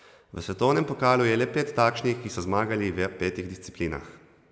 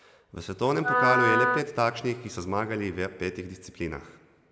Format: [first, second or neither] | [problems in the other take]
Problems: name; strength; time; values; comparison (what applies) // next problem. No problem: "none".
first | background sound (Wind instrument, woodwind instrument); 2 dB above the speech